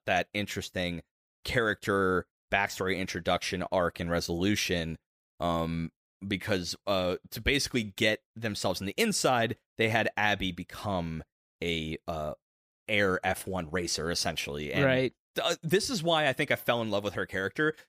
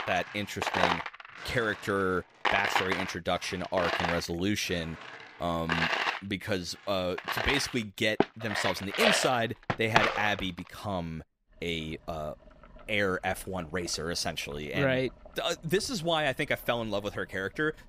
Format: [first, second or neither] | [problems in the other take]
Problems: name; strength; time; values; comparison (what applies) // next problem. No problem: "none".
first | household noises; very loud; throughout; as loud as the speech